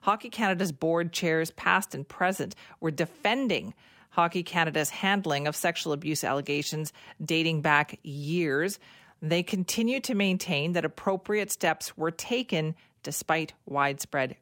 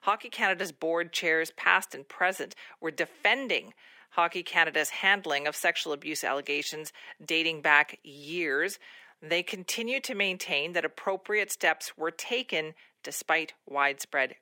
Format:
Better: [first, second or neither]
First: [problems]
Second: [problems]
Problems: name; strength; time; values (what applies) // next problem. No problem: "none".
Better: first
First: none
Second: thin; somewhat; fading below 400 Hz